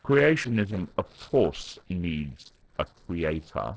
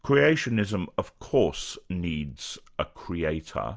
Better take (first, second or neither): second